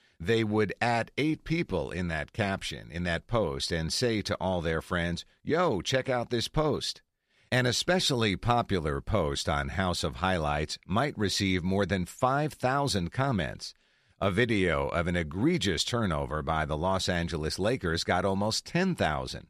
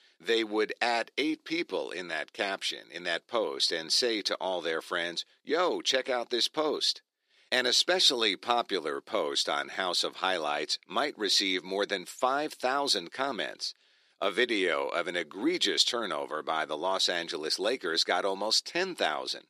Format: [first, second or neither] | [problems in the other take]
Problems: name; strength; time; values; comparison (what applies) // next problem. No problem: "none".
first | thin; somewhat; fading below 300 Hz